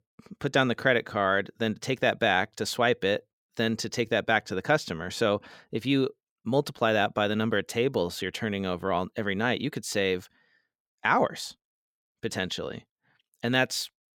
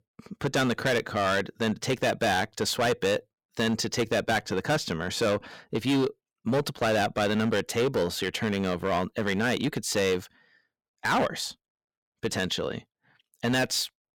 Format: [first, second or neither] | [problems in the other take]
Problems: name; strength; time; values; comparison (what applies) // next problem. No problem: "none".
first | distortion; heavy; 11% of the sound clipped